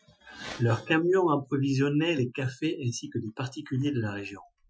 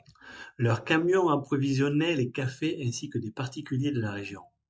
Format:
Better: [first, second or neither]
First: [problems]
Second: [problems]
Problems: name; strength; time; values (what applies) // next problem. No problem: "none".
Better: second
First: noise reduction (classical method Wiener filter)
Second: none